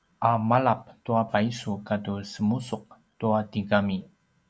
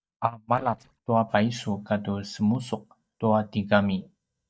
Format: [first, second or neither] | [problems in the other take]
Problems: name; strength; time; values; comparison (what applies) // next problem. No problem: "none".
first | noise reduction (neural mask model DeepFilterNet 3)